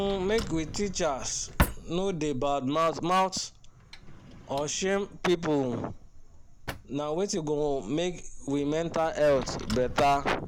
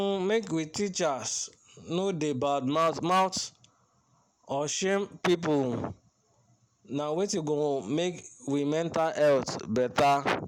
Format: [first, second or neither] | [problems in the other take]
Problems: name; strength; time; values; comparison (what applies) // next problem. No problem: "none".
second | background sound (Drawer open or close); 9 dB below the speech